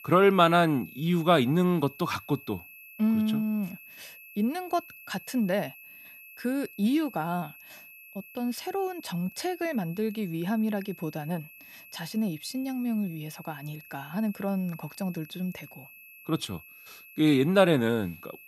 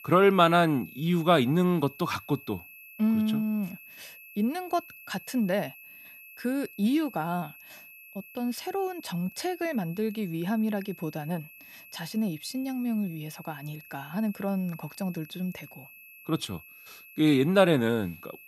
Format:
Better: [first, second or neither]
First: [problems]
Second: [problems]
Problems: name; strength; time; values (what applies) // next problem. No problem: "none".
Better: neither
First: high-pitched whine; noticeable; throughout; 2.5 kHz, 20 dB below the speech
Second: high-pitched whine; noticeable; throughout; 2.5 kHz, 20 dB below the speech